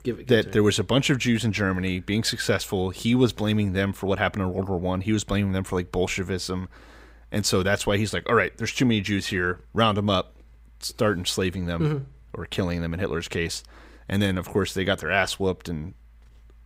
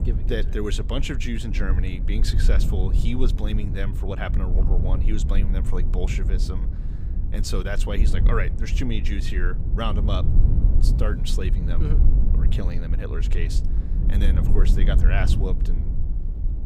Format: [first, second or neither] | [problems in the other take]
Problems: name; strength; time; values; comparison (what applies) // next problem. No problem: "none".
first | low rumble; loud; throughout; 7 dB below the speech